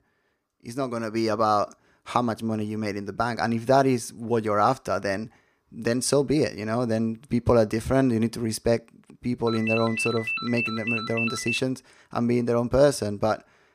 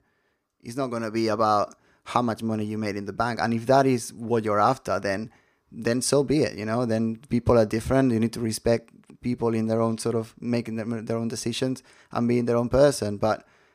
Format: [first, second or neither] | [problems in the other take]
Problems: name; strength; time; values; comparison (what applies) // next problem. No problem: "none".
second | phone ringing; noticeable; from 9.5 to 12 s; peak 1 dB below the speech